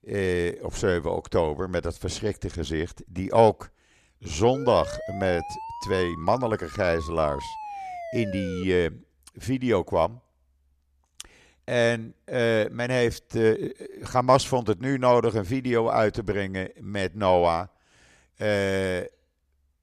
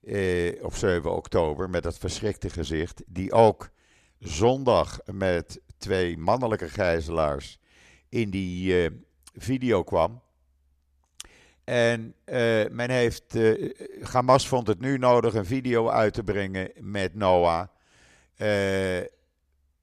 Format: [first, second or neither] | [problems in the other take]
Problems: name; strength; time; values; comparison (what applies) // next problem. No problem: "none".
second | siren; noticeable; from 4.5 to 8.5 s; peak 10 dB below the speech